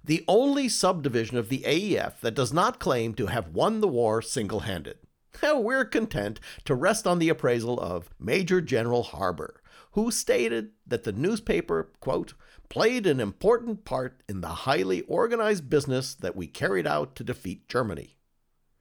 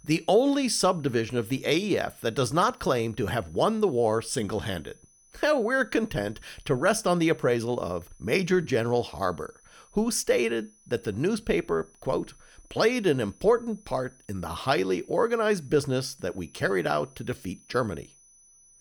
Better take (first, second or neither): first